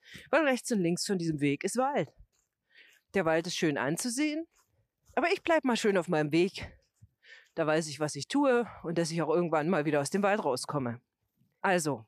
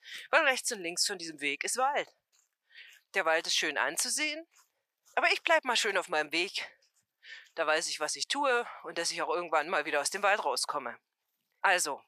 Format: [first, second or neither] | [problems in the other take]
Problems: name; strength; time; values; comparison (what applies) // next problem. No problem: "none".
first | thin; very; fading below 800 Hz